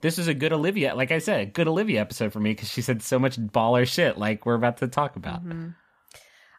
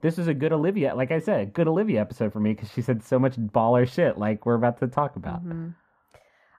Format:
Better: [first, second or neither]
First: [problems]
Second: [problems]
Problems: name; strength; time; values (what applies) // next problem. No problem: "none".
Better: first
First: none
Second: muffled; very; fading above 2 kHz